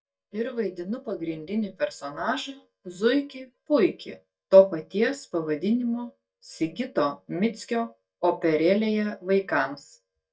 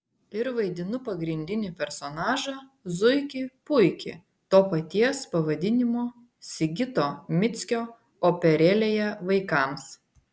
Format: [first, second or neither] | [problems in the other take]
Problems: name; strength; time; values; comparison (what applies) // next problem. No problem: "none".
second | noise reduction (neural mask model DeepFilterNet 3)